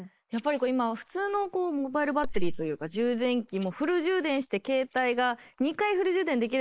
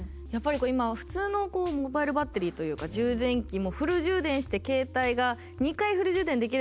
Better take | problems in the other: second | noise reduction (neural mask model Resemble Enhance denoiser)

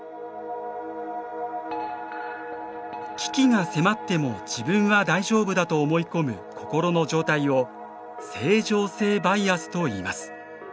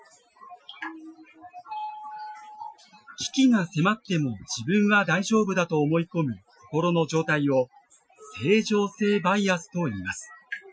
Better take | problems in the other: first | noise reduction (classical method Wiener filter)

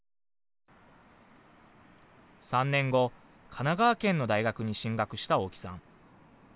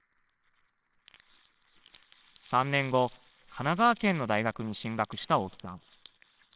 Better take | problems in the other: first | noise reduction (neural separator model SepFormer WHAMR!)

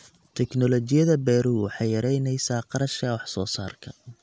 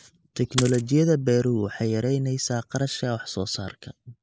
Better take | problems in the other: first | noise reduction (neural mask model Resemble Enhance denoiser)

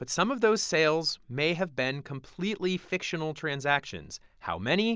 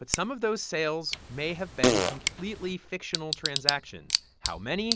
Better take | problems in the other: first | background sound (Tick / Bicycle + Fart); 2 dB above the speech

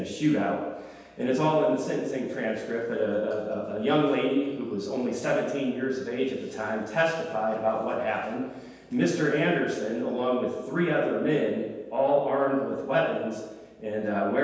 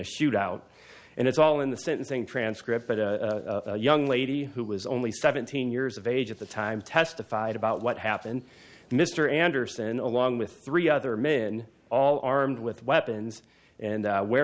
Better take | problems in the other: second | room echo; dies away in 1.2 s

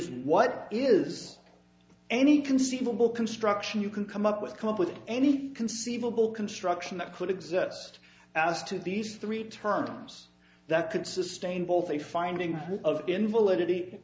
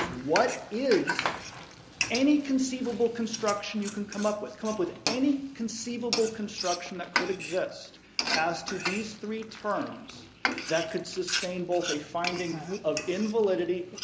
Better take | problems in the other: first | background sound (Frying (food)); 6 dB below the speech

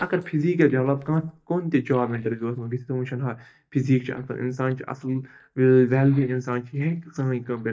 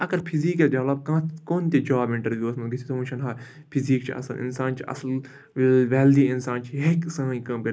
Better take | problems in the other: second | noise reduction (neural mask model DeepFilterNet 3)

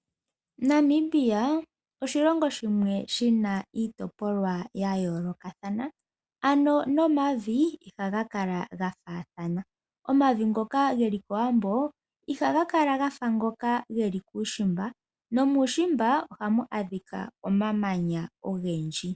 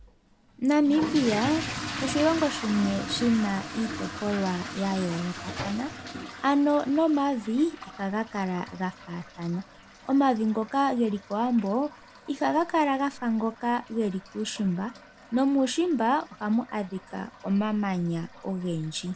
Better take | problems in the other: first | background sound (Fill (with liquid) / Toilet flush); 12 dB below the speech

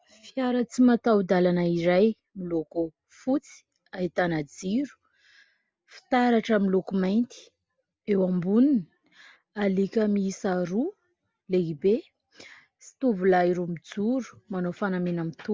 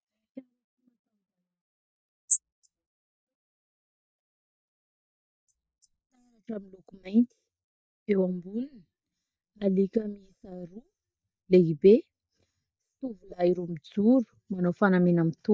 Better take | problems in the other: first | noise reduction (neural mask model DeepFilterNet 3)

